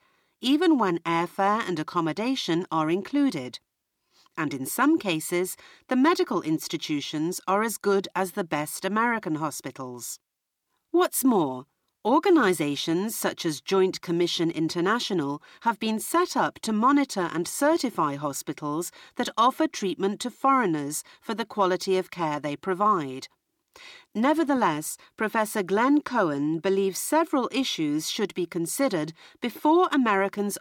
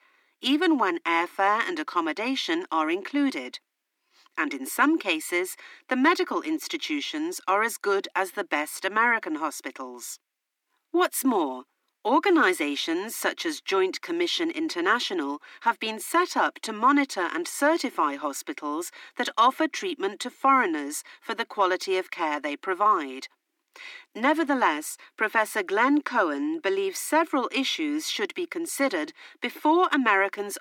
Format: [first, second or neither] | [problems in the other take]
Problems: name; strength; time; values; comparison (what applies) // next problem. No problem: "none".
first | thin; very slightly; fading below 250 Hz